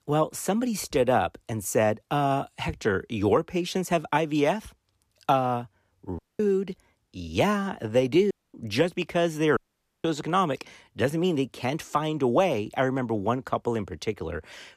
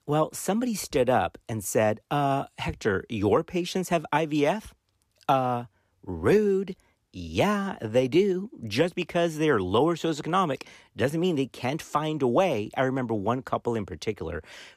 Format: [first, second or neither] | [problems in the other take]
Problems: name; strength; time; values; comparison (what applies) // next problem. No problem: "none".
second | audio cutting out; at 6 s, at 8.5 s and at 9.5 s